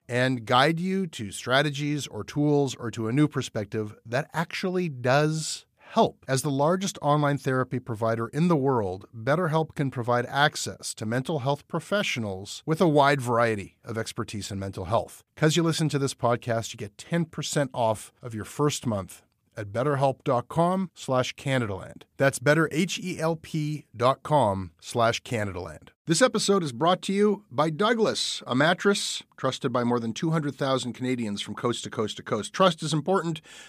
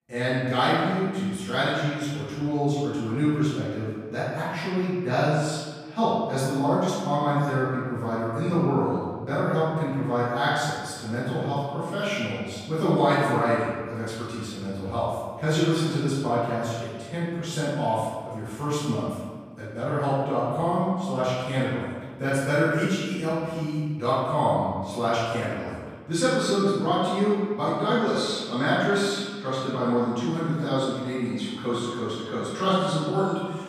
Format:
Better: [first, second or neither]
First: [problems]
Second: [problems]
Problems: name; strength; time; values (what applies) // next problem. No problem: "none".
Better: first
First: none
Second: room echo; strong; dies away in 1.4 s // off-mic speech; far